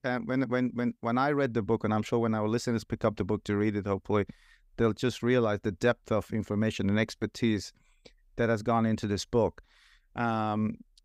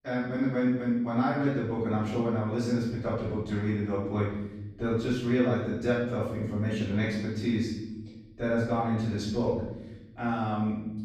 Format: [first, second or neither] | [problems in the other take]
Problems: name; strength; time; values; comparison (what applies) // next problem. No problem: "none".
first | off-mic speech; far // room echo; strong; dies away in 1.1 s